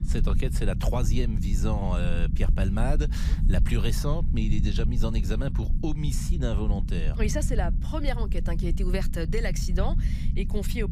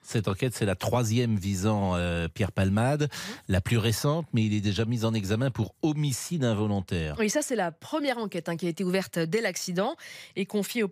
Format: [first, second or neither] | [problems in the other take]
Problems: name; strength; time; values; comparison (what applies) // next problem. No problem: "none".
second | low rumble; loud; throughout; 9 dB below the speech